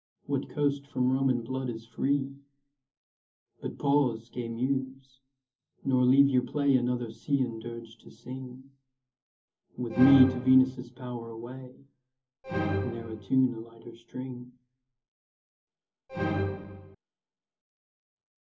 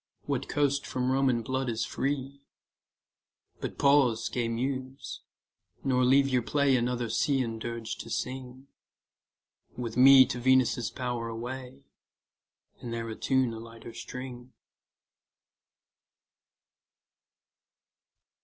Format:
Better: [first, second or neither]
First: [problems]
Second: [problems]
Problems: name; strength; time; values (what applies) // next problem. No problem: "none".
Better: second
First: background sound (Musical instrument); 5 dB below the speech // room echo; dies away in 0.3 s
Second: none